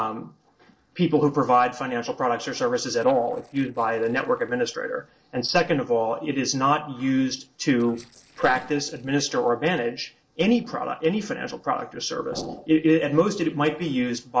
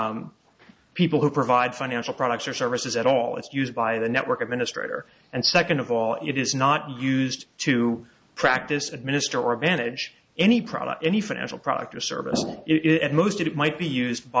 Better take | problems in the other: second | noise reduction (neural separator model SepFormer DNS4)

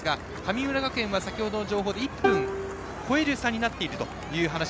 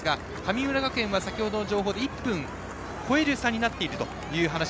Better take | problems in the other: second | background sound (Plucked string instrument); 4 dB below the speech

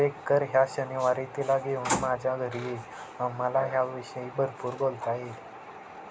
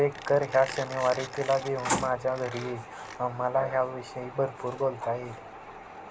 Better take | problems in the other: first | background sound (Mechanisms); 17 dB below the speech

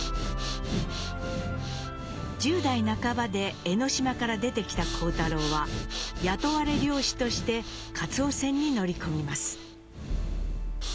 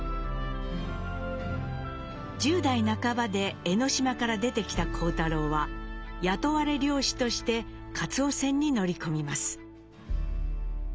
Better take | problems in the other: second | background sound (Breathing); 9 dB below the speech

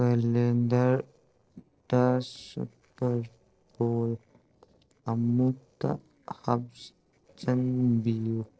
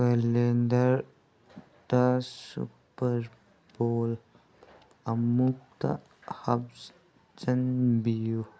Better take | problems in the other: second | noise reduction (neural separator model SepFormer DNS4)

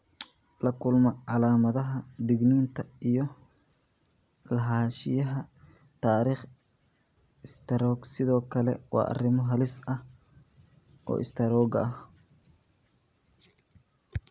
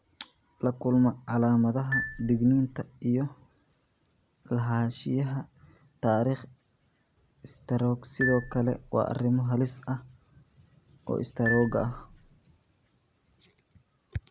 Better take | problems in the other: first | background sound (Marimba, xylophone); 9 dB below the speech

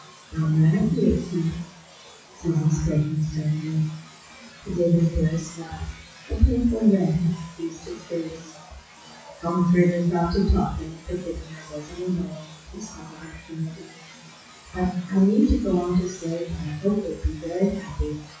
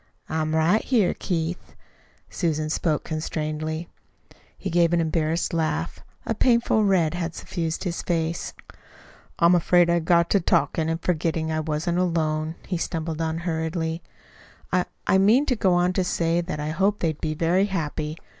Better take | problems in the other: second | noise reduction (classical method WPE with log-MMSE)

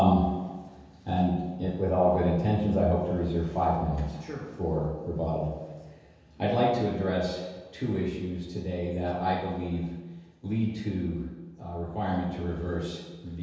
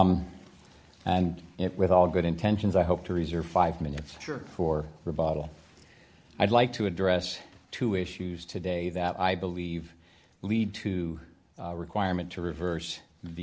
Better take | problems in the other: second | room echo; dies away in 1.2 s

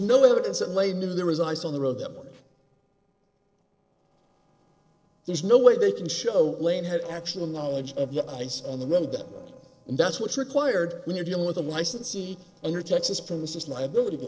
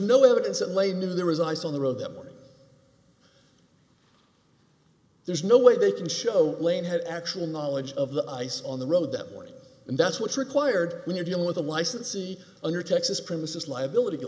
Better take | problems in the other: second | noise reduction (neural separator model SepFormer DNS4)

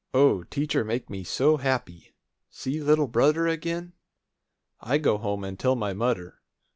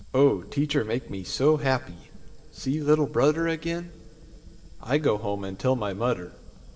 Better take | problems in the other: first | background sound (Fire); 19 dB below the speech // room echo; dies away in 2 s

